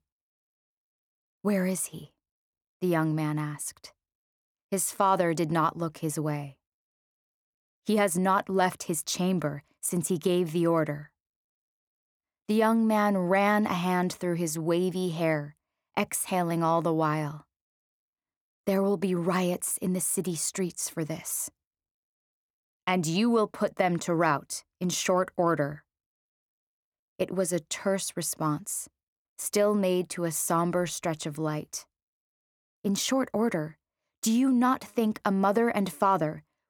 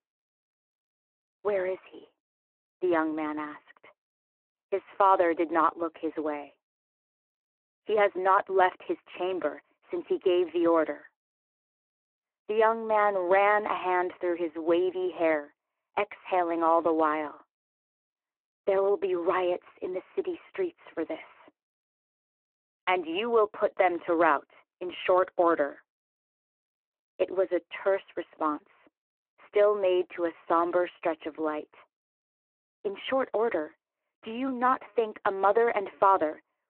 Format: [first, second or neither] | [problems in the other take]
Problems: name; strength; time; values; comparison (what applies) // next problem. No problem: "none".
first | phone-call audio